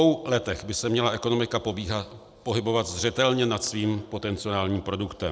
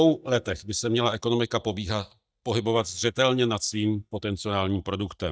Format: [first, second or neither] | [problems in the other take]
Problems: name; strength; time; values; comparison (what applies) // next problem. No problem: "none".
first | noise reduction (neural mask model DeepFilterNet 3)